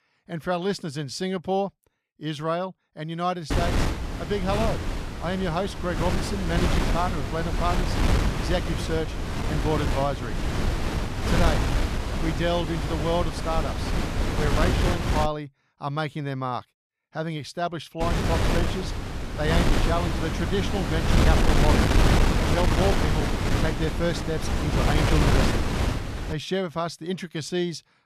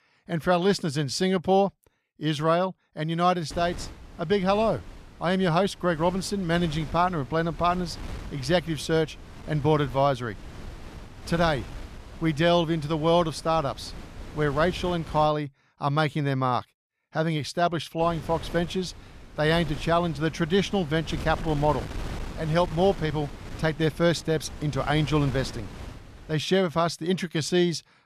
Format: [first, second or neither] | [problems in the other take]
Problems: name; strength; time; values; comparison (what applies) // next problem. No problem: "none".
second | wind noise on the microphone; heavy; from 3.5 to 15 s and from 18 to 26 s; as loud as the speech; occasional gusts in the second